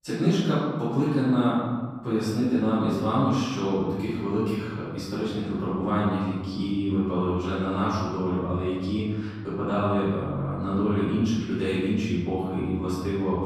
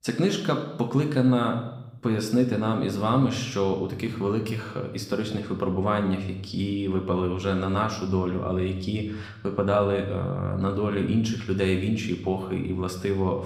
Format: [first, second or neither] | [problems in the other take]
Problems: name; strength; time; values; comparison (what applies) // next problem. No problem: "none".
second | room echo; strong; dies away in 1.4 s; slight in the second // off-mic speech; far